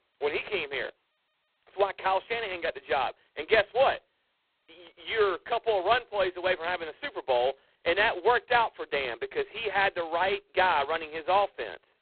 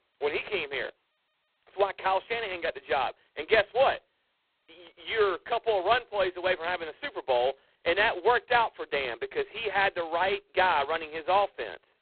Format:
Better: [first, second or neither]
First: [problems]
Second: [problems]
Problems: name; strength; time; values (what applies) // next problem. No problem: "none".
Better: neither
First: phone-call audio; poor line; nothing above 4 kHz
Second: phone-call audio; poor line; nothing above 4 kHz